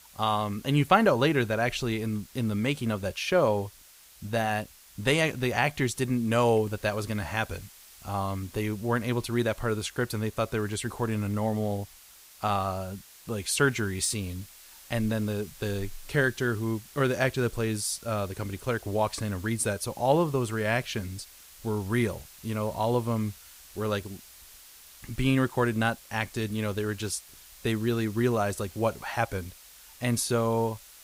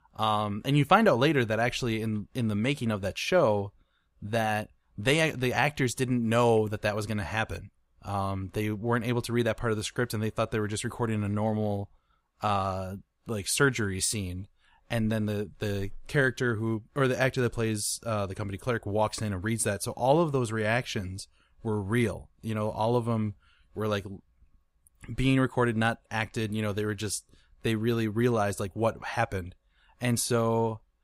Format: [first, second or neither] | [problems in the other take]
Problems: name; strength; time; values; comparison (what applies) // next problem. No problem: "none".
second | hiss; faint; throughout; 20 dB below the speech